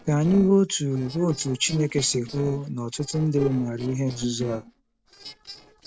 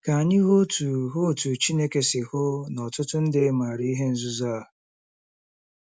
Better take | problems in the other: second | noise reduction (neural separator model SepFormer DNS4)

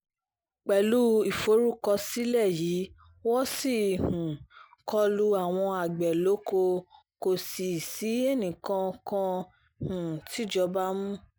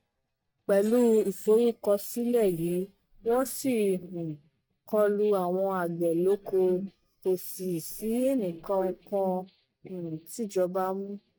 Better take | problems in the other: first | noise reduction (neural mask model DeepFilterNet 3)

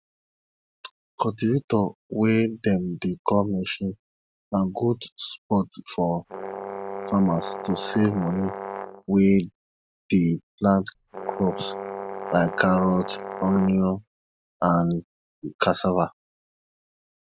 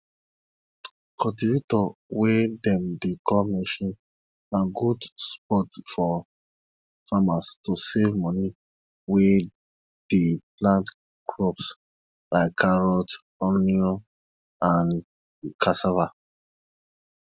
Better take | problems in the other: second | background sound (Brass instrument); 9 dB below the speech

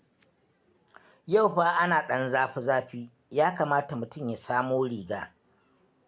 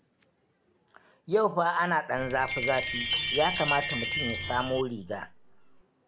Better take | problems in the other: first | background sound (Chime); 3 dB below the speech

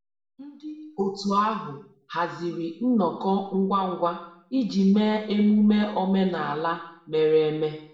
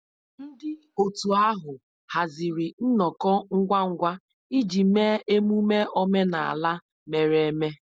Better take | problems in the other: second | room echo; dies away in 0.7 s

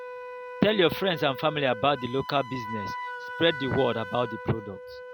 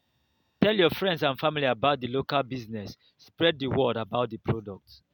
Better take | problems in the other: second | background sound (Wind instrument, woodwind instrument); 10 dB below the speech

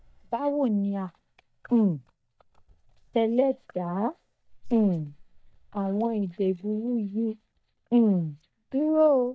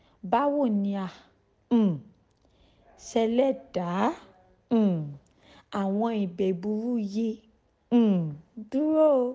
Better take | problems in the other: second | noise reduction (neural mask model DeepFilterNet 3)

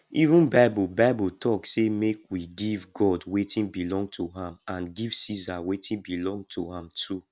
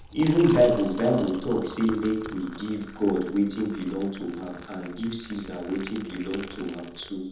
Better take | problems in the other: first | background sound (Liquid); 16 dB below the speech // room echo; dies away in 1 s

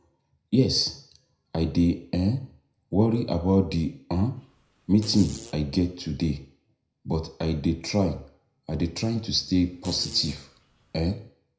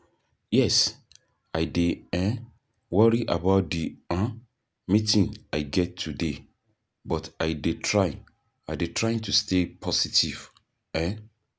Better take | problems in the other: second | background sound (Fart); 19 dB below the speech // room echo; dies away in 0.5 s

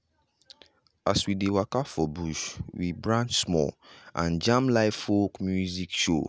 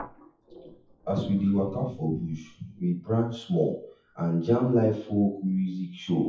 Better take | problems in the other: first | noise reduction (classical method WPE with log-MMSE)

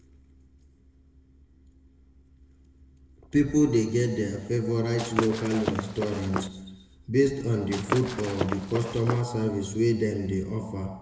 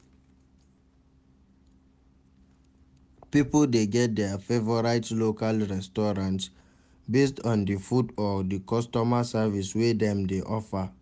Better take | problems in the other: second | background sound (Walk, footsteps / Run); 5 dB below the speech // room echo; dies away in 1.2 s

